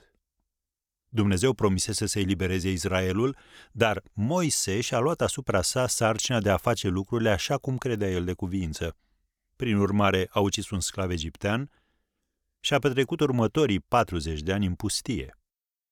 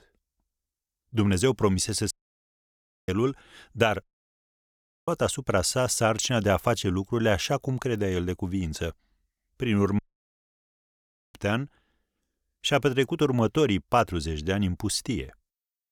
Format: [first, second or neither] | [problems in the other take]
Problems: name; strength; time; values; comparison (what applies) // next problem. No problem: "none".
first | audio cutting out; at 2 s for 1 s, at 4 s for 1 s and at 10 s for 1.5 s